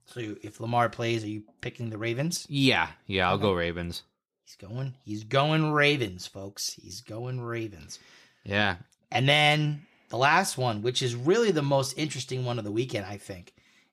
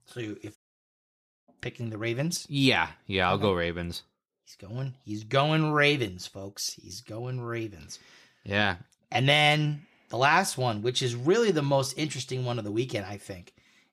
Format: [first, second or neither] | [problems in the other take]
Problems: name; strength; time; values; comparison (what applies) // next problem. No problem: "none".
first | audio cutting out; at 0.5 s for 1 s